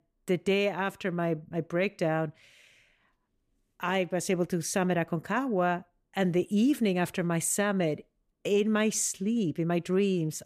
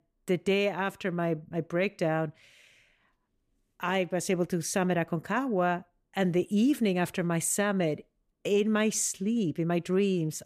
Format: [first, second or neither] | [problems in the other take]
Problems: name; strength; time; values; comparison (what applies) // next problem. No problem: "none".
neither | none